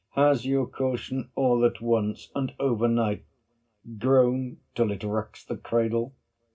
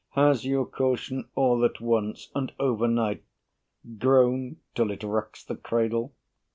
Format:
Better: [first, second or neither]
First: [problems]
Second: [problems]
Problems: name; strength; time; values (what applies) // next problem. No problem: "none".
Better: second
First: room echo; dies away in 0.4 s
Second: none